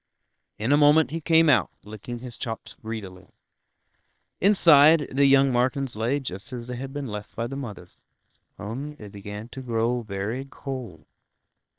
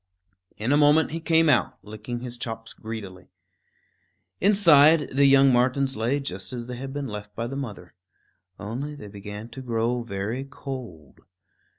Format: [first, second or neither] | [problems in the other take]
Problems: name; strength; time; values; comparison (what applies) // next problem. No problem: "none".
second | noise reduction (neural separator model SepFormer WHAM!)